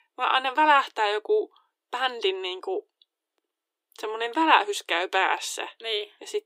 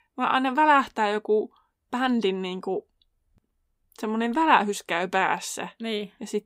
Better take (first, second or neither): second